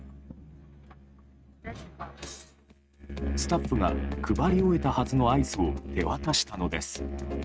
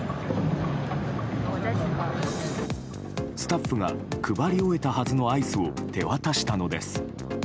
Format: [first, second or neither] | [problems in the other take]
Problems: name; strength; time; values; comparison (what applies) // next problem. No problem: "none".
second | noise reduction (neural mask model RNNoise)